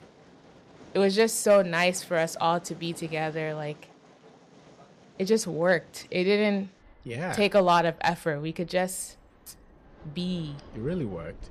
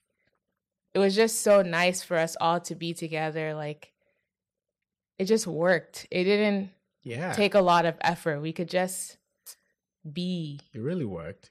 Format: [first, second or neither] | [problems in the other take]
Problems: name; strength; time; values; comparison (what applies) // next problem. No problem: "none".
second | train or aircraft noise; faint; throughout; 25 dB below the speech